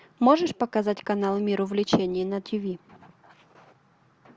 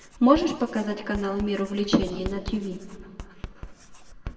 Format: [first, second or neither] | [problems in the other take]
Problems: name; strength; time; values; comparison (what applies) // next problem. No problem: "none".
first | background sound (Writing); 12 dB below the speech // room echo; dies away in 1.3 s